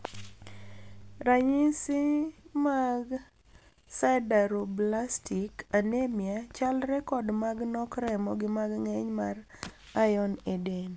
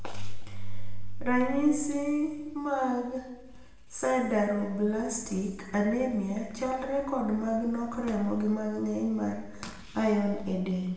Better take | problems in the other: first | room echo; dies away in 1 s

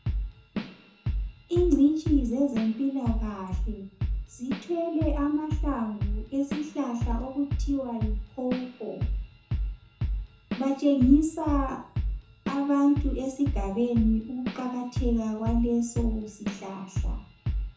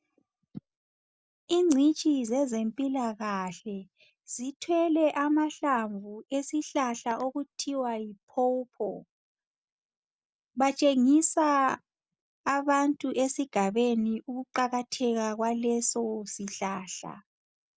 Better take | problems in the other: second | background sound (Drum / Drum kit); 3 dB below the speech // room echo; dies away in 0.6 s

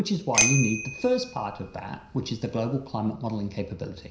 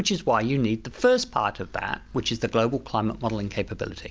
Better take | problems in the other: second | background sound (Bicycle bell); 3 dB below the speech // room echo; dies away in 0.5 s

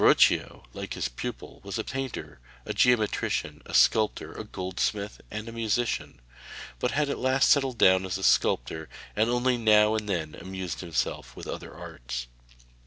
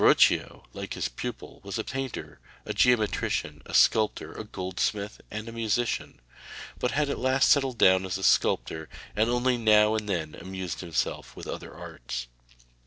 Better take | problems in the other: first | noise reduction (neural separator model SepFormer DNS4)

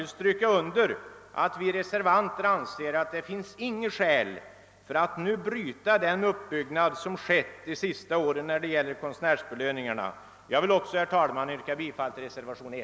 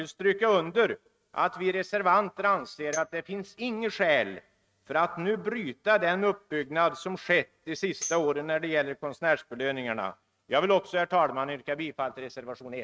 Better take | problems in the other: first | noise reduction (neural mask model RNNoise)

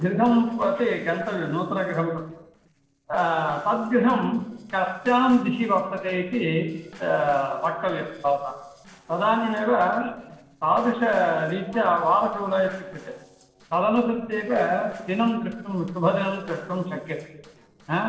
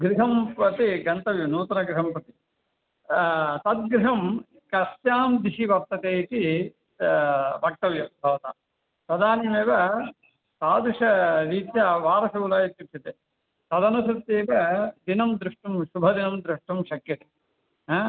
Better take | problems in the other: second | noise reduction (neural separator model SepFormer DNS4)

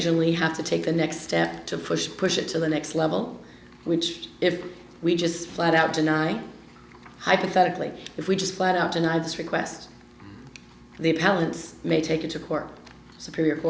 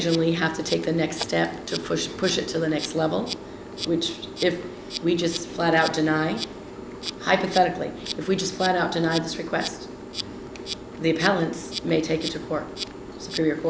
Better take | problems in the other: first | background sound (Insect); 10 dB below the speech

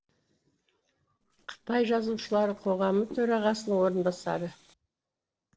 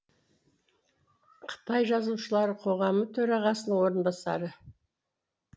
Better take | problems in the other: second | noise reduction (neural separator model SepFormer DNS4)

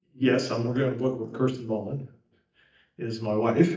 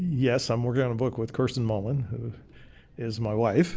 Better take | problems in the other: second | noise reduction (neural mask model DeepFilterNet 3)

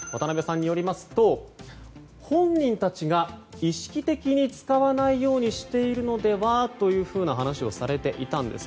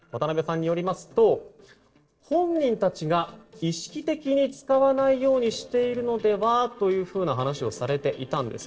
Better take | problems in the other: first | noise reduction (neural separator model SepFormer DNS4)

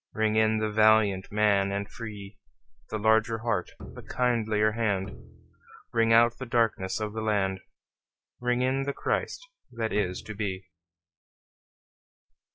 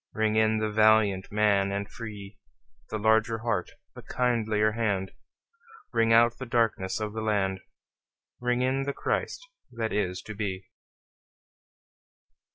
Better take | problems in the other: second | background sound (Bowed string instrument); 16 dB below the speech

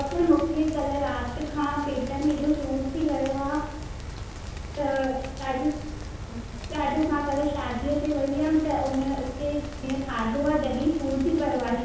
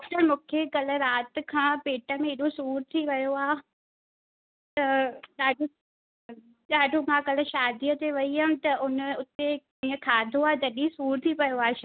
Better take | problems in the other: second | background sound (Rain); 9 dB below the speech // room echo; dies away in 0.9 s

